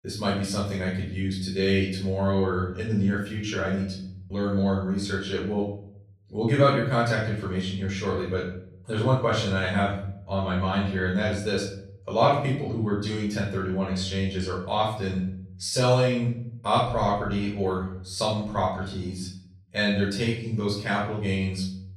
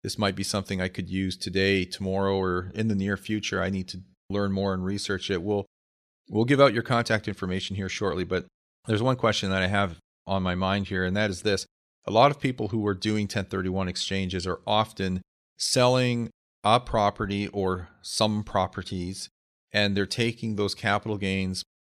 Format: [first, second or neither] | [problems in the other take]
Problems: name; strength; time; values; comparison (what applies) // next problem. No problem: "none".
second | room echo; noticeable; dies away in 0.7 s // off-mic speech; far